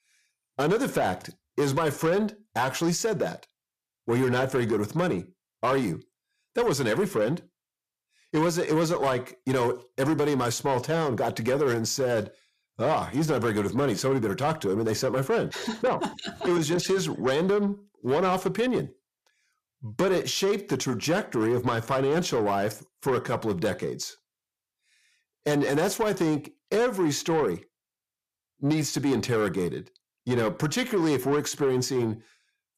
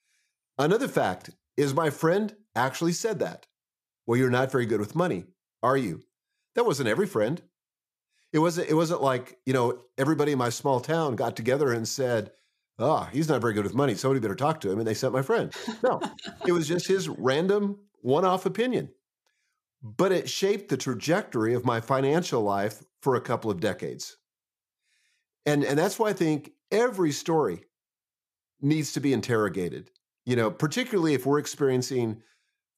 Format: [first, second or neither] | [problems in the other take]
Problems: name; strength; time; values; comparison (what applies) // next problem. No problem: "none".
second | distortion; slight; 10 dB below the speech